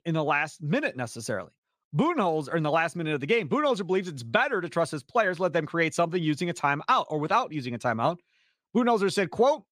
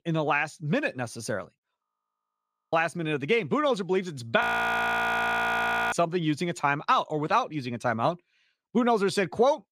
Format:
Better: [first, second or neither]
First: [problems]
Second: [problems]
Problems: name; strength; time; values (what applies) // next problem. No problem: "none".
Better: first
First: none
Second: audio freezing; at 2 s for 1 s and at 4.5 s for 1.5 s